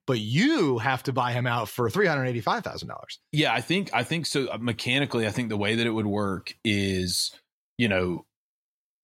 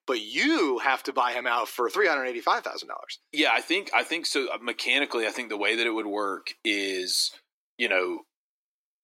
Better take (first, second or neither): first